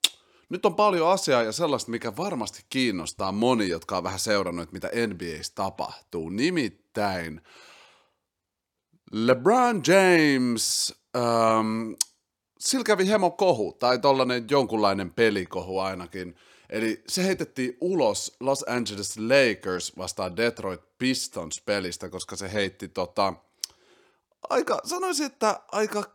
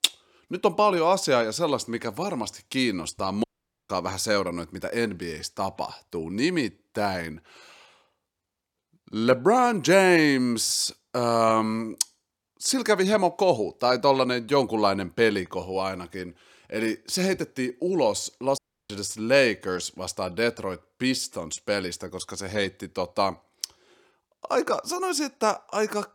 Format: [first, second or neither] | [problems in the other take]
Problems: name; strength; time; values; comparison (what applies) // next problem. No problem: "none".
first | audio cutting out; at 3.5 s and at 19 s